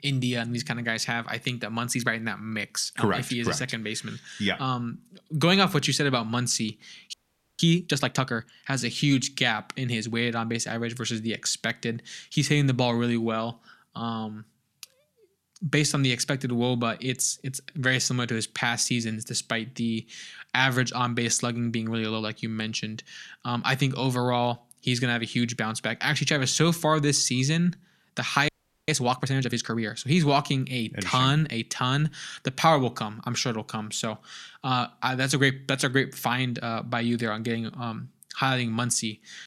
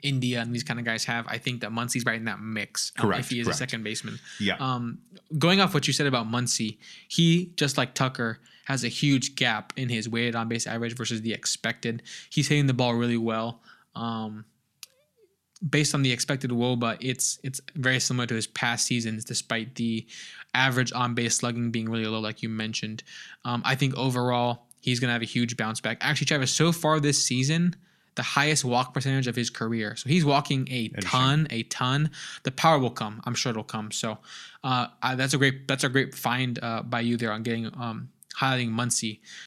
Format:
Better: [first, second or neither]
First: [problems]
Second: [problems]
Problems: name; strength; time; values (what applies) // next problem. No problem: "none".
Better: second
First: audio freezing; at 7 s and at 28 s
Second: none